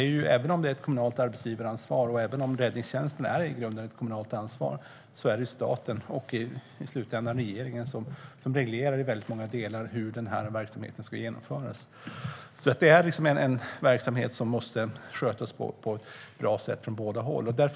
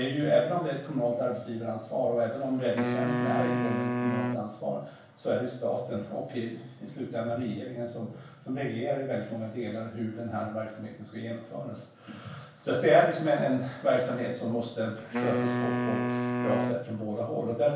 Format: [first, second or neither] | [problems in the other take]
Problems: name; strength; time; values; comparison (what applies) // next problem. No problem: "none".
first | background sound (Wind instrument, woodwind instrument); 1 dB below the speech // room echo; dies away in 0.7 s